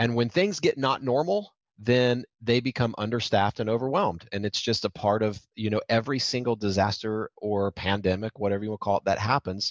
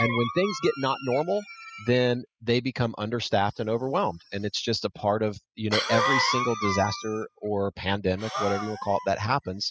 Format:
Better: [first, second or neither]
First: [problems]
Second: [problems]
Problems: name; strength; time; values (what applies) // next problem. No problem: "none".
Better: first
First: none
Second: noise reduction (classical method spectral subtraction)